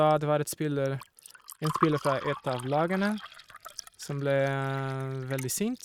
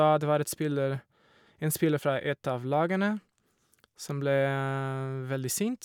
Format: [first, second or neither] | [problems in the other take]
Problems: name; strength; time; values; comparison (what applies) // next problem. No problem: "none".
second | noise reduction (neural mask model RNNoise)